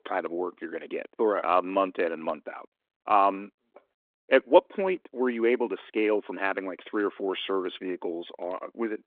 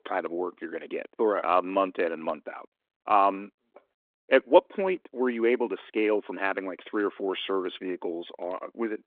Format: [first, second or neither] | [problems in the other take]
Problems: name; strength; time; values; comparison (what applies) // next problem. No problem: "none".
neither | phone-call audio; nothing above 3.5 kHz; the same in both